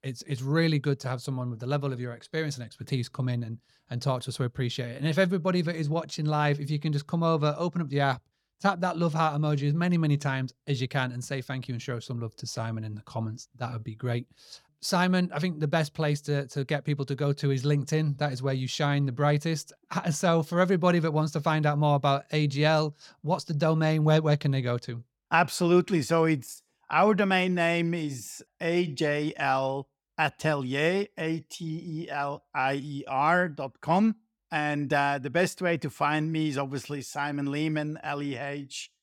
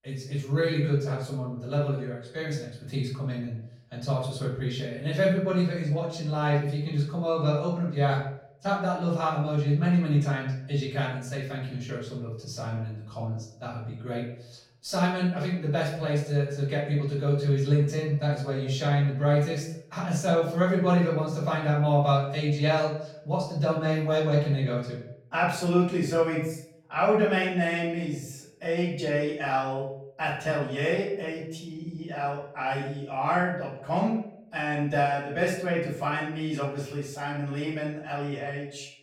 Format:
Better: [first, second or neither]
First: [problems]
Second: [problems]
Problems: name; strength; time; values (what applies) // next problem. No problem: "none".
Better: first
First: none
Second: off-mic speech; far // room echo; noticeable; dies away in 0.6 s